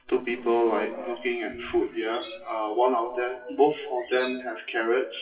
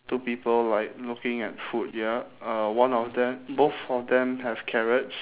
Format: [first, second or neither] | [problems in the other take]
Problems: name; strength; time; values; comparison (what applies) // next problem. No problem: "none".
second | noise reduction (classical method WPE with log-MMSE)